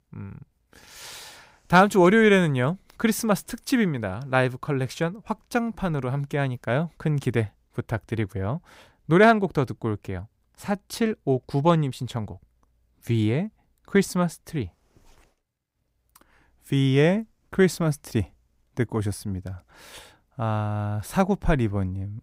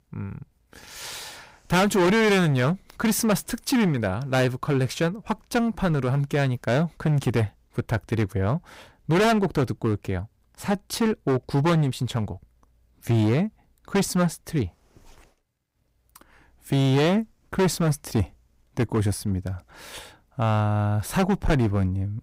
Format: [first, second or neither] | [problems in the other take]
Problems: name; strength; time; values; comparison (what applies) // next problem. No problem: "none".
first | distortion; heavy; 10% of the sound clipped